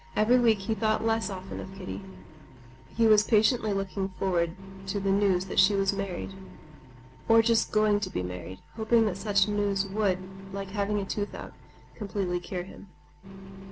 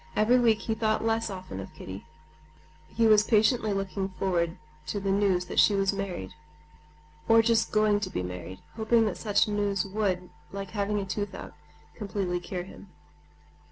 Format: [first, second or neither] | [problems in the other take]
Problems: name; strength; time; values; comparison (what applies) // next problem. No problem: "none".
second | background sound (Engine); 15 dB below the speech